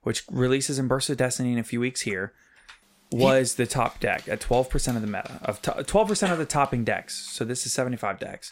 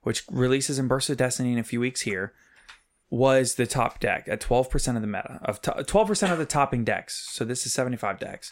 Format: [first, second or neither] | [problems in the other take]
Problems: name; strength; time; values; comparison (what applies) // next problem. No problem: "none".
second | dog barking; noticeable; from 3 to 6 s; peak 4 dB below the speech